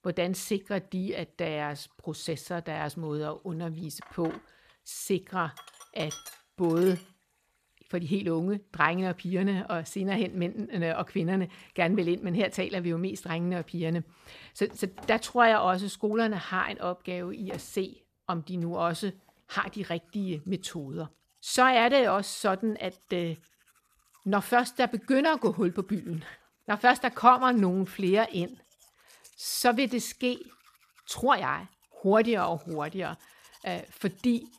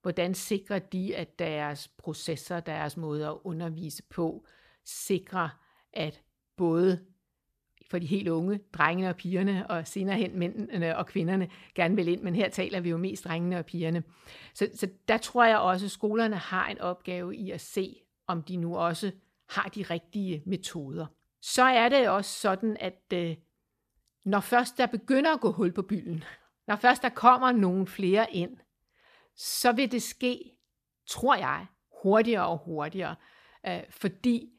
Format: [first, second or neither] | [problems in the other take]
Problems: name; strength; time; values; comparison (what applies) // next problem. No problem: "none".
second | household noises; faint; throughout; 25 dB below the speech